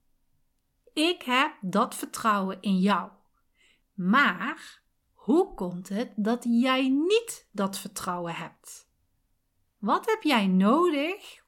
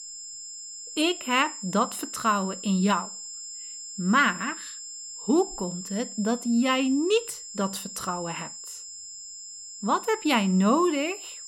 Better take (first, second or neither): first